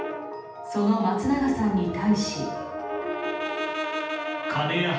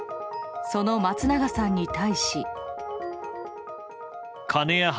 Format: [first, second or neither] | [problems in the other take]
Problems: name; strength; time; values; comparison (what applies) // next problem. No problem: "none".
second | background sound (Brass instrument); 7 dB below the speech // room echo; dies away in 0.8 s